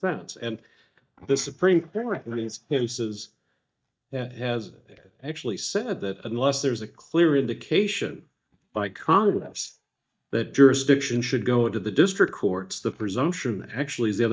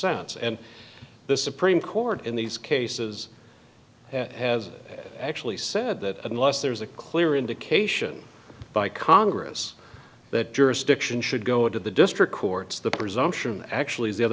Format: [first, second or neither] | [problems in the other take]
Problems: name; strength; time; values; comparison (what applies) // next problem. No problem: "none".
second | noise reduction (neural mask model DeepFilterNet 3)